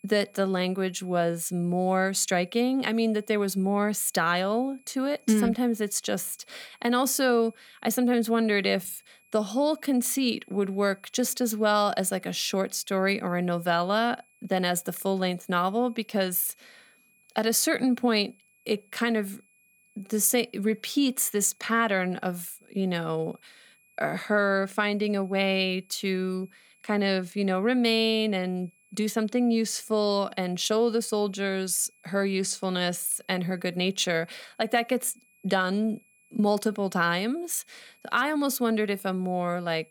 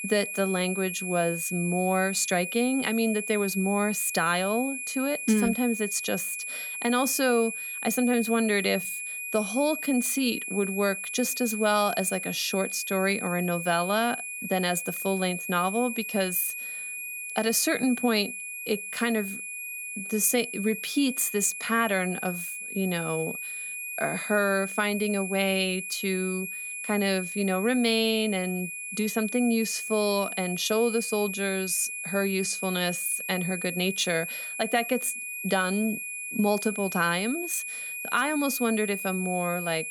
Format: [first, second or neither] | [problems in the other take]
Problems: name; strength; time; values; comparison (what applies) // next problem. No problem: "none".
first | high-pitched whine; loud; throughout; 2.5 kHz, 6 dB below the speech; faint in the first